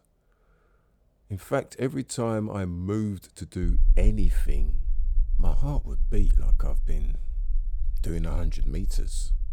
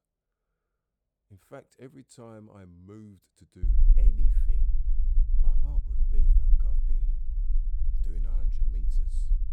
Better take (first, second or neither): first